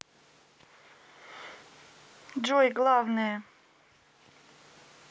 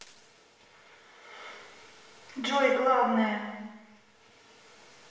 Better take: first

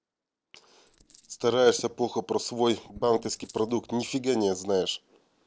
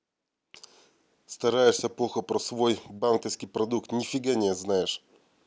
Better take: second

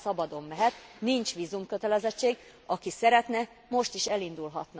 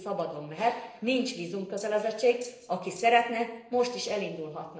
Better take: first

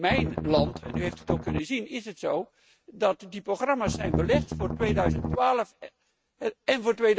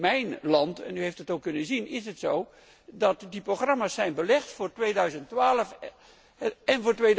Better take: second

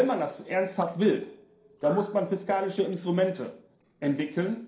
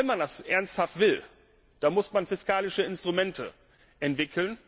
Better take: second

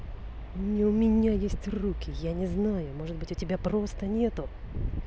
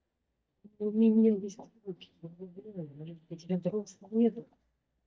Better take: first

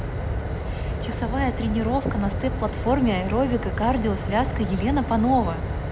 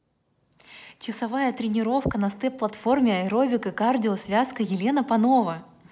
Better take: second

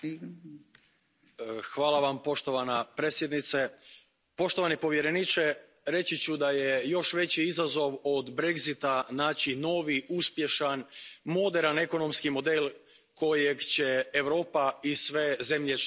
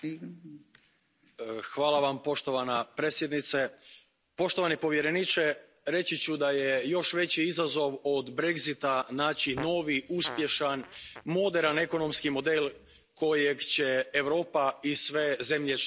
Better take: first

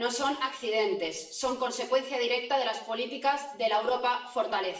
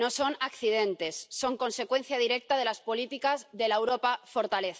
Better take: second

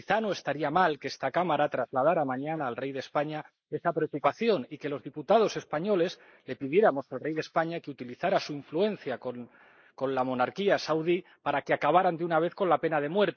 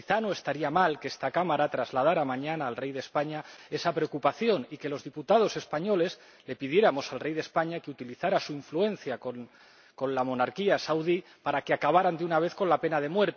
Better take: second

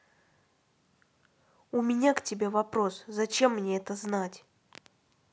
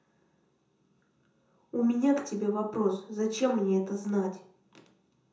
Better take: first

